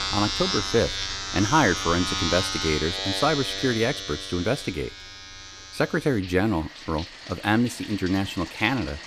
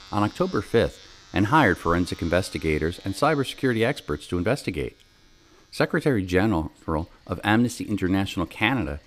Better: second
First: household noises; loud; throughout; 4 dB below the speech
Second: household noises; faint; throughout; 25 dB below the speech

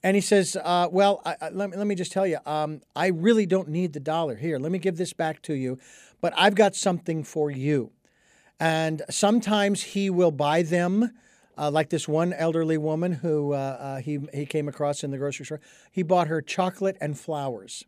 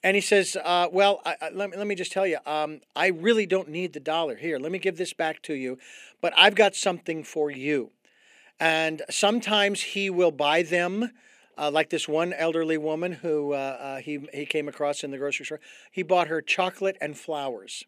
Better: first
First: none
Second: thin; very slightly; fading below 300 Hz

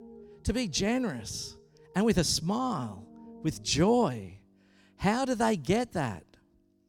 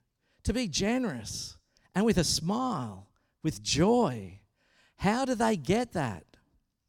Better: second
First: background music; faint; throughout; 25 dB below the speech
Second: none

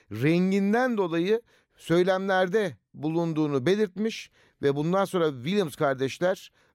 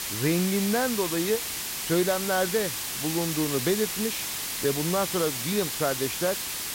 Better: first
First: none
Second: hiss; loud; throughout; 1 dB below the speech

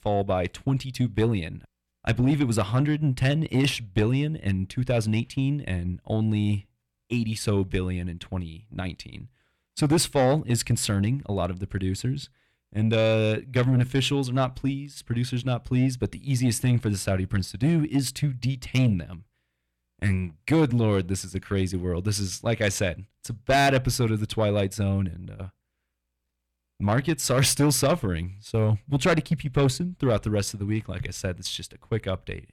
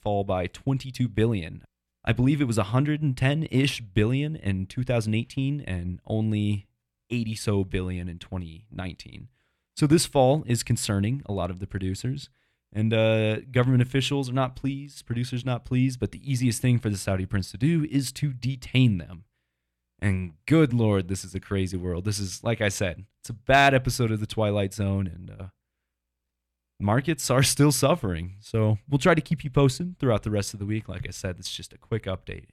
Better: second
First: distortion; slight; 10 dB below the speech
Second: none

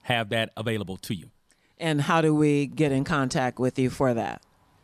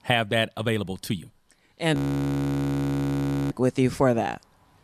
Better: first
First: none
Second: audio freezing; at 2 s for 1.5 s

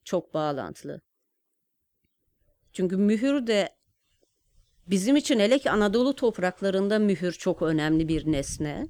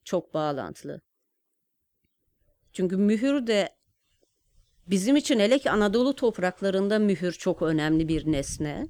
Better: neither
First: none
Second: none

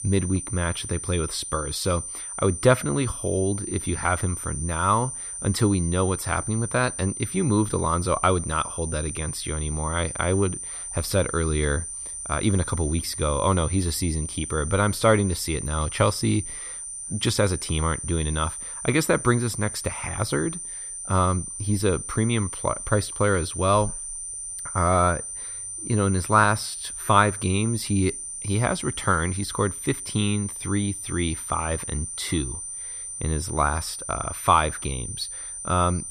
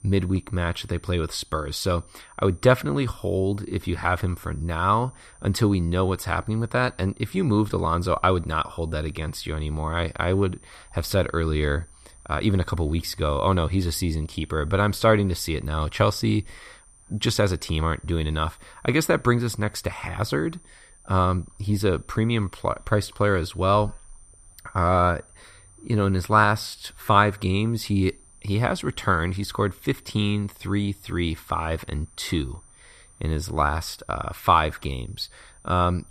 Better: second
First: high-pitched whine; loud; throughout; 9 kHz, 7 dB below the speech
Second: high-pitched whine; faint; throughout; 9 kHz, 30 dB below the speech

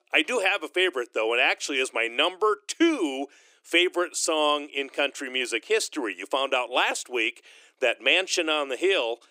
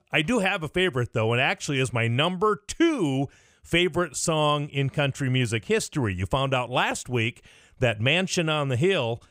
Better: second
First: thin; somewhat; fading below 300 Hz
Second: none

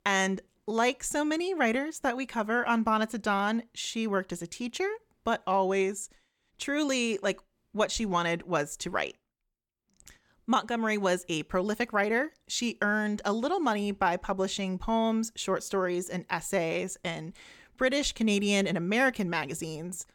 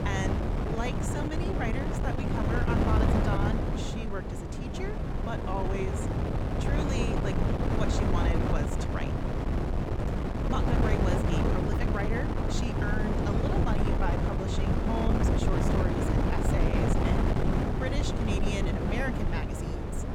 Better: first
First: none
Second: wind noise on the microphone; heavy; 3 dB above the speech

